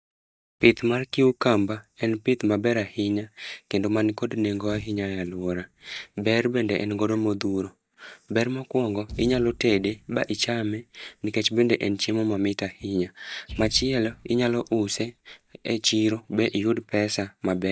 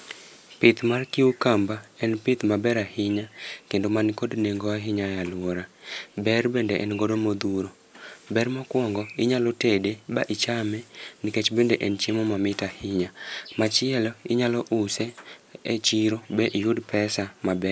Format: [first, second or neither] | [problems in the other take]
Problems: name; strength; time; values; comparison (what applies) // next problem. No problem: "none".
second | noise reduction (neural mask model DeepFilterNet 3)